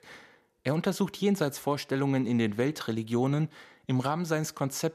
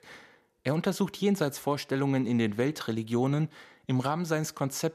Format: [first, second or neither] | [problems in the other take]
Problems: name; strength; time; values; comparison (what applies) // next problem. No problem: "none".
neither | none